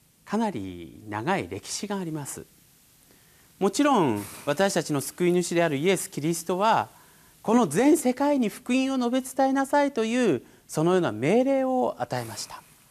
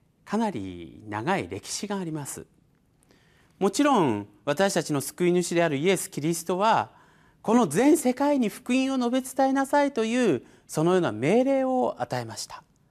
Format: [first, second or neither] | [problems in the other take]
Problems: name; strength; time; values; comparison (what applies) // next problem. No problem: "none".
second | hiss; faint; throughout; 25 dB below the speech